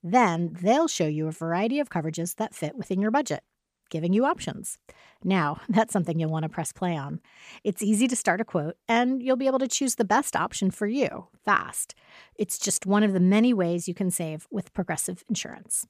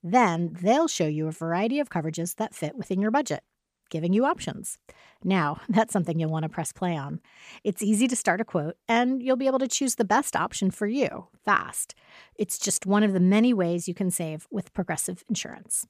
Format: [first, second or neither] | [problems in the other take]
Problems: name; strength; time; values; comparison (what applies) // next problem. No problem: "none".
neither | none